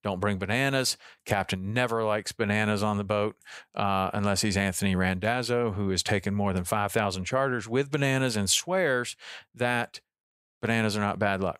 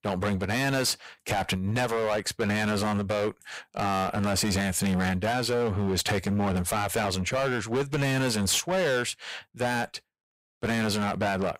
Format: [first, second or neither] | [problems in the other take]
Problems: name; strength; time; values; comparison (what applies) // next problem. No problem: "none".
first | distortion; heavy; 17% of the sound clipped